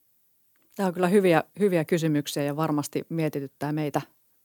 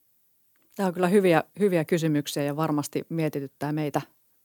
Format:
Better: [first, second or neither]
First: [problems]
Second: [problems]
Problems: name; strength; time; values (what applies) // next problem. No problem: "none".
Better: neither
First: none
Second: none